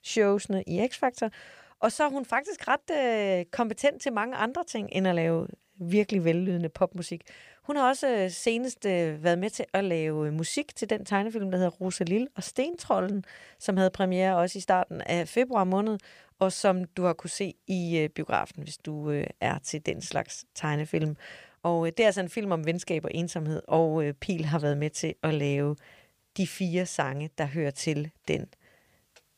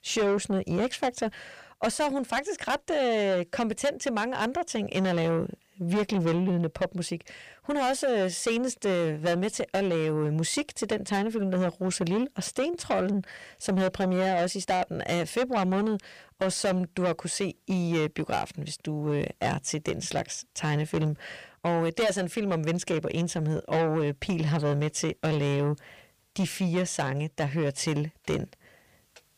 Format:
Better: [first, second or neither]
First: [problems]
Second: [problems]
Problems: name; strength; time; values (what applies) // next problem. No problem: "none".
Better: first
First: none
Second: distortion; heavy; 8 dB below the speech